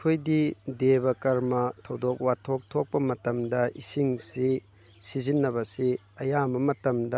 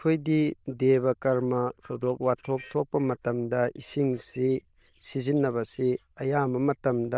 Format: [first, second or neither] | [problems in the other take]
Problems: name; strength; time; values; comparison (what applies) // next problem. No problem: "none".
first | noise reduction (neural diffusion model UNIVERSE++)